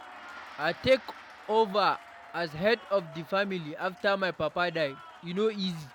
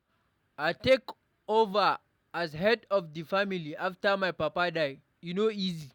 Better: second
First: background sound (Applause + Gong); 18 dB below the speech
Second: none

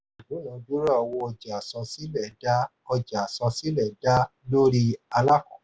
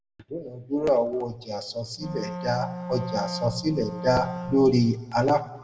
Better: first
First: none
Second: background sound (Wind instrument, woodwind instrument); 9 dB below the speech // room echo; dies away in 1.1 s

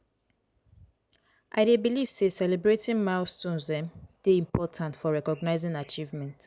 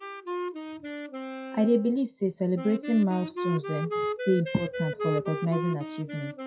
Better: first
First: none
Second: noise reduction (classical method WPE with log-MMSE)

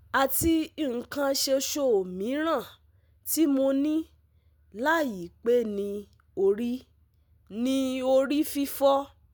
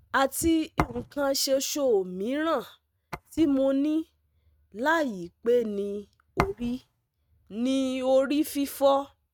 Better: first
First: none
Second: noise reduction (neural mask model RNNoise)

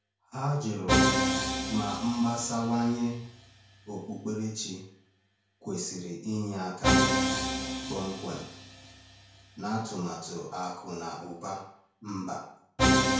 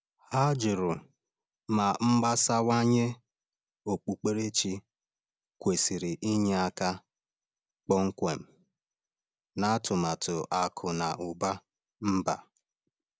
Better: second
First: background sound (Musical instrument); 3 dB above the speech // room echo; dies away in 0.5 s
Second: none

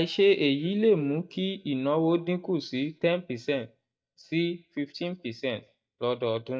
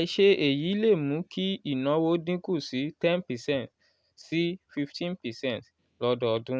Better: second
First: noise reduction (neural mask model DeepFilterNet 3)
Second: none

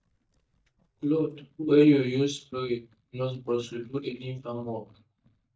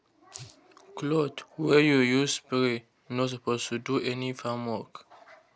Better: second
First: noise reduction (neural mask model DeepFilterNet 3)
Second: none

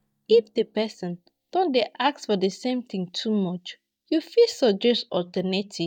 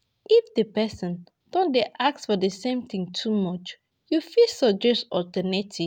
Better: second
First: noise reduction (neural mask model DeepFilterNet 3)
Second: none

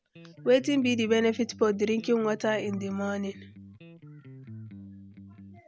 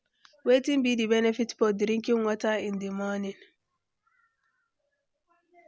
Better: second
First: background sound (Electric guitar); 17 dB below the speech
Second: none

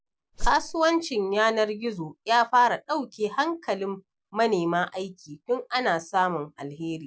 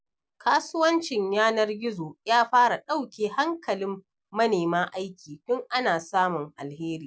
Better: second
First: background sound (Whoosh, swoosh, swish); as loud as the speech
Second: none

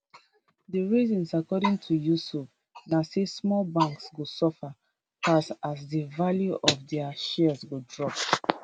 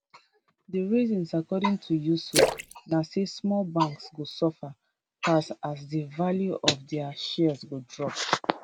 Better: first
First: none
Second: background sound (Splash, splatter); 2 dB below the speech

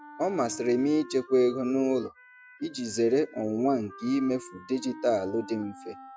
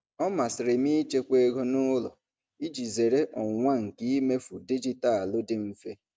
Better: second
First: noise reduction (classical method Wiener filter)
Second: none

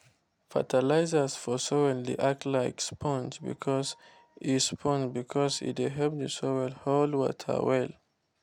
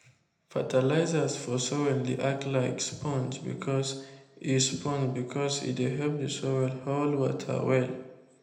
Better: first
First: none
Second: room echo; dies away in 0.8 s

